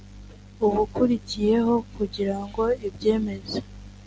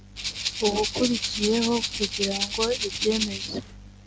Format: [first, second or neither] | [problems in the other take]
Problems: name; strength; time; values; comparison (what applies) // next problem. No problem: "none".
first | background sound (Rattle (instrument)); 3 dB below the speech